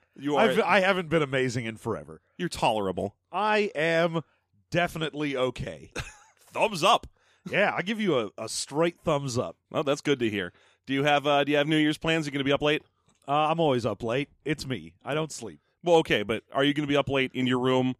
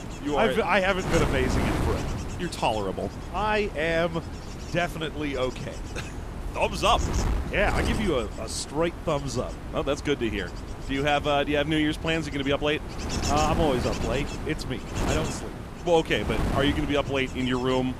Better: first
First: none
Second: wind noise on the microphone; heavy; 9 dB below the speech

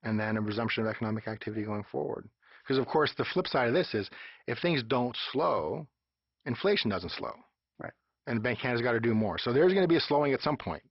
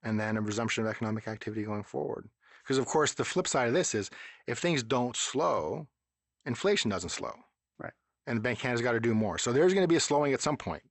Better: second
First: garbled, watery; badly; nothing above 5.5 kHz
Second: garbled, watery; slightly; nothing above 8 kHz

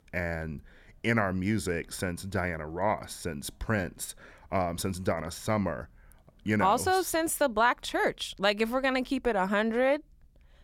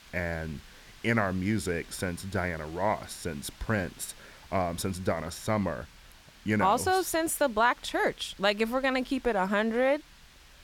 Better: first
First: none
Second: hiss; faint; throughout; 25 dB below the speech

